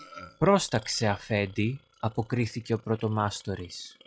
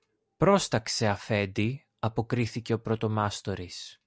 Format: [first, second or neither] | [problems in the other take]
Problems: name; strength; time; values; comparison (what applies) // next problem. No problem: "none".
second | noise reduction (classical method log-MMSE)